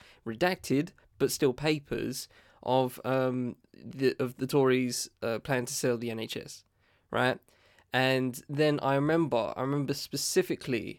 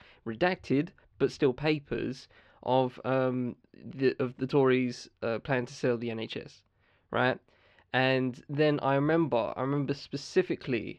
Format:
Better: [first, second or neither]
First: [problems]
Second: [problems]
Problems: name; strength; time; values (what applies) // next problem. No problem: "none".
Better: first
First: none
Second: muffled; slightly; fading above 4 kHz